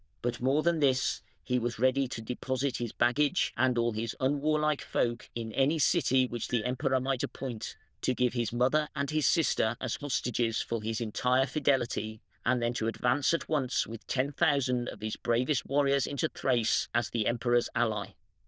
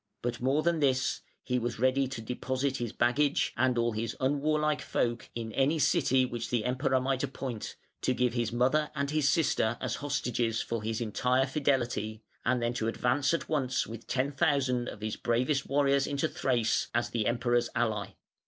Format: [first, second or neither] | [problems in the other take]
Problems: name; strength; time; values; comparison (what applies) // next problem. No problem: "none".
second | noise reduction (neural diffusion model UNIVERSE++)